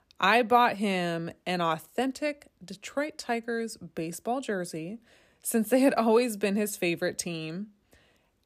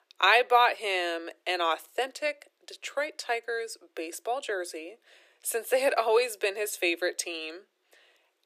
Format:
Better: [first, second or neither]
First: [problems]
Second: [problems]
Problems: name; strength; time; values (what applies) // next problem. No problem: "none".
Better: first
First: none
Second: thin; very; fading below 350 Hz